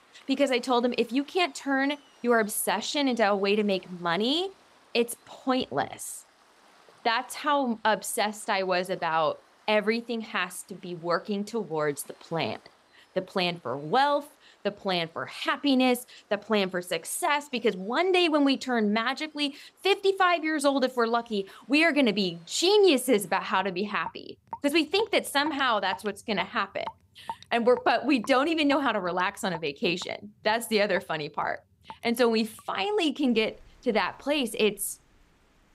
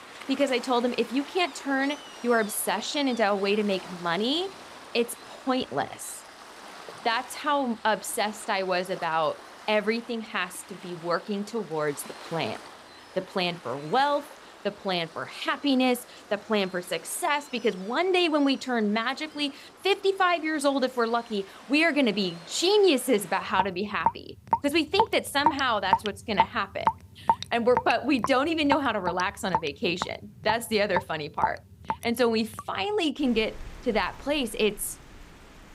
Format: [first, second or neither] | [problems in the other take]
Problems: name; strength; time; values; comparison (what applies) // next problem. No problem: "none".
first | rain or running water; loud; throughout; 8 dB below the speech; faint in the first